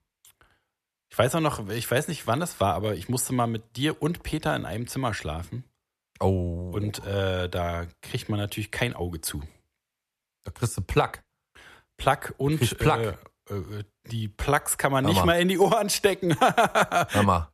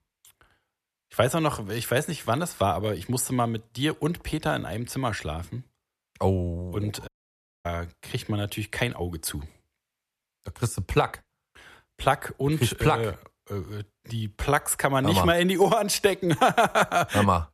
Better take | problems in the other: first | audio cutting out; at 7 s for 0.5 s

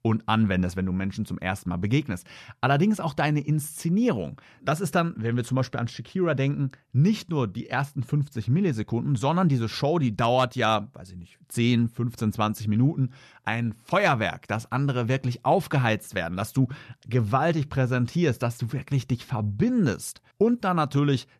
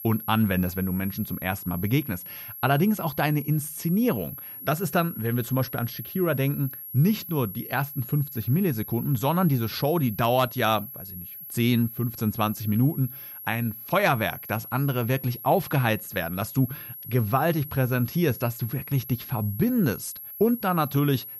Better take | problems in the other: first | high-pitched whine; noticeable; throughout; 11.5 kHz, 10 dB below the speech

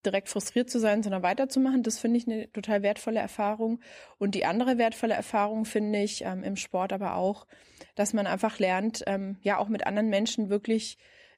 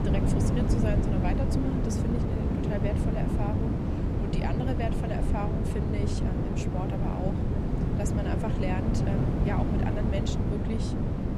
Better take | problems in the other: first | wind noise on the microphone; heavy; 2 dB above the speech

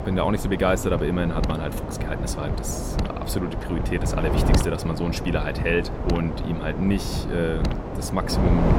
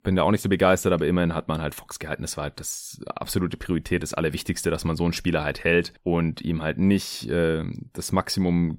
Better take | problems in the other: second | wind noise on the microphone; heavy; 4 dB below the speech

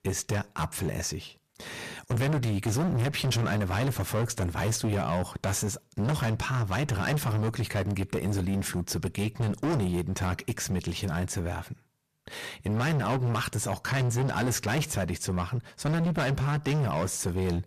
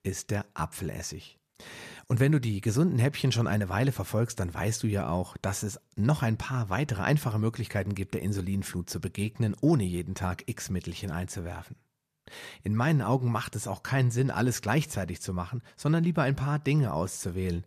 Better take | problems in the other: second | distortion; heavy; 24% of the sound clipped

